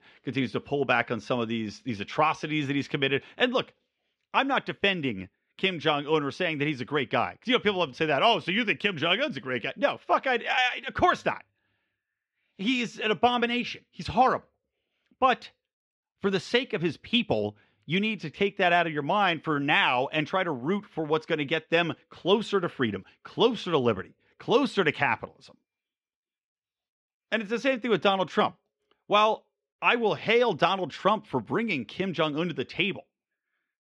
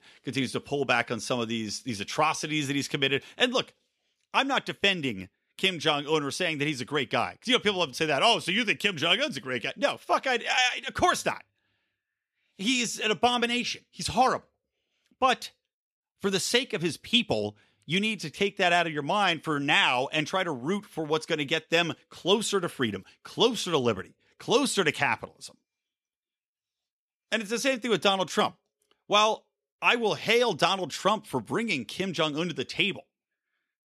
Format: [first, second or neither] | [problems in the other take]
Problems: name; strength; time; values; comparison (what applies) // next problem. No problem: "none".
second | muffled; slightly; fading above 2.5 kHz